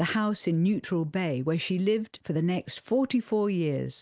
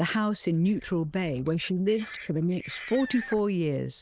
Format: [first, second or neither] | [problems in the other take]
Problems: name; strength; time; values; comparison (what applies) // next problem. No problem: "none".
first | noise reduction (neural diffusion model UNIVERSE++)